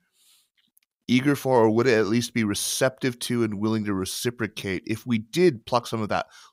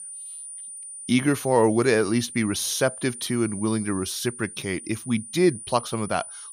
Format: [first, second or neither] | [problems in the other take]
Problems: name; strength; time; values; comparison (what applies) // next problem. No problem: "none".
first | high-pitched whine; noticeable; throughout; 9.5 kHz, 10 dB below the speech